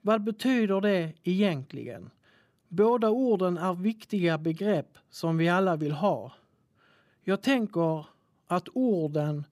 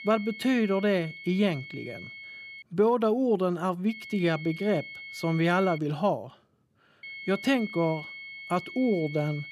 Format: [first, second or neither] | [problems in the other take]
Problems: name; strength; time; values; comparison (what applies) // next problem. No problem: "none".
first | high-pitched whine; noticeable; until 2.5 s, from 4 to 6 s and from 7 s on; 2 kHz, 15 dB below the speech